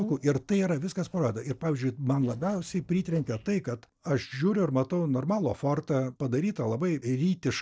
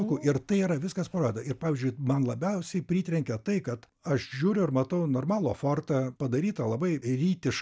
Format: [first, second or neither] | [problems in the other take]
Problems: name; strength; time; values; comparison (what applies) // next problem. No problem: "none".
second | noise reduction (neural separator model SepFormer DNS4)